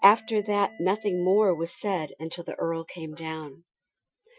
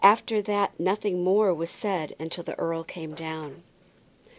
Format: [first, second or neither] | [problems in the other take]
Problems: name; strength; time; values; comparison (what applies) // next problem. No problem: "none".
second | noise reduction (classical method Wiener filter)